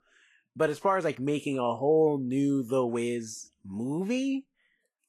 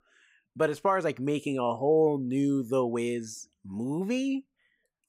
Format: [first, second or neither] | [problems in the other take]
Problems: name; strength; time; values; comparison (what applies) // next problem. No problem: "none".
second | garbled, watery; slightly; nothing above 12.5 kHz